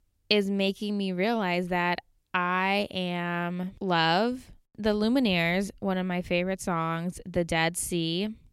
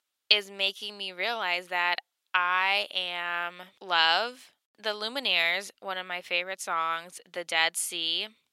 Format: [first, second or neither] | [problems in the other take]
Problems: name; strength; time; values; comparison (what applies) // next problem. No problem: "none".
first | thin; very; fading below 800 Hz